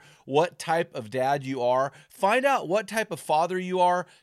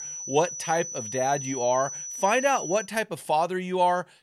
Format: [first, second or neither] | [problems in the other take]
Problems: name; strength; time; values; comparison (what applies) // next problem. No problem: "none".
first | high-pitched whine; loud; until 3 s; 6 kHz, 7 dB below the speech